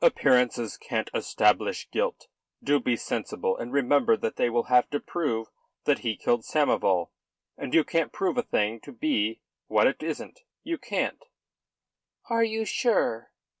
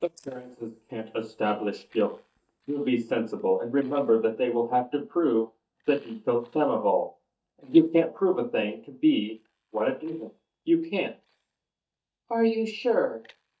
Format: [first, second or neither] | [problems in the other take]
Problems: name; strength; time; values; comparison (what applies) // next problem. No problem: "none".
first | noise reduction (neural mask model DeepFilterNet 3)